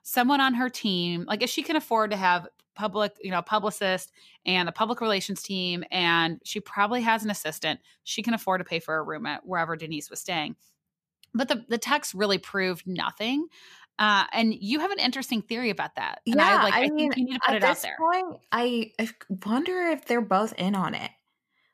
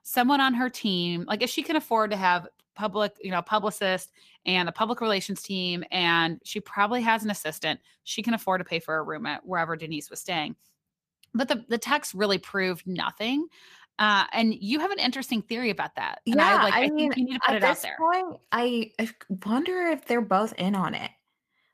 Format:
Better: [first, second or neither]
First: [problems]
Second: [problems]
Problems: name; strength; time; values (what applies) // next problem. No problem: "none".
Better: first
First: none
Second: garbled, watery; slightly; nothing above 14.5 kHz